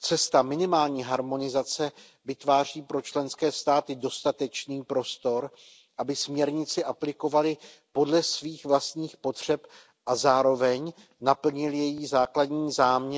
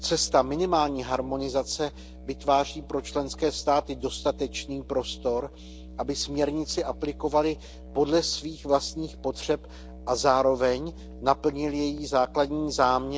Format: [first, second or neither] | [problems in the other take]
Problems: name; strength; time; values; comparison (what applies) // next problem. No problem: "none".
first | background sound (Musical instrument); 16 dB below the speech